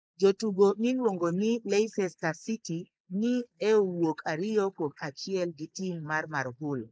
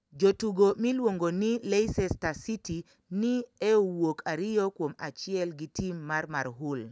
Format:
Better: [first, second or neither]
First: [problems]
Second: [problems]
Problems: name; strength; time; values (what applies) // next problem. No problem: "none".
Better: second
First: noise reduction (neural mask model Resemble Enhance denoiser)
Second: none